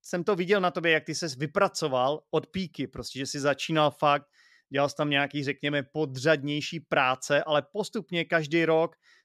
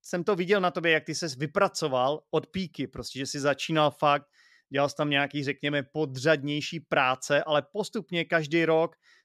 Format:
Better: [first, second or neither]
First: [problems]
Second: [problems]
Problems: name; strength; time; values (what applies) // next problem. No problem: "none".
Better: neither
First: none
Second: none